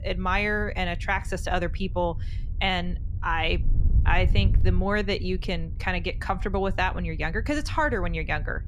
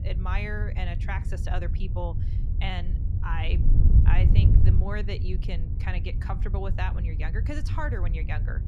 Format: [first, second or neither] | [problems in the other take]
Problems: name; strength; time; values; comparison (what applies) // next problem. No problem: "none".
first | wind noise on the microphone; heavy; 6 dB below the speech; occasional gusts in the first